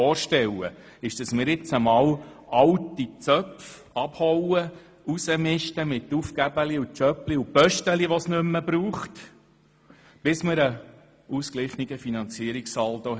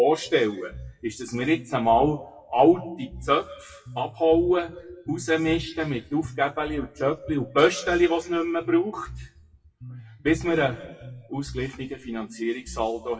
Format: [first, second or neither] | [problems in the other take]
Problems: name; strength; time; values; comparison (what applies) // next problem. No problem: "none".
first | noise reduction (classical method WPE with log-MMSE)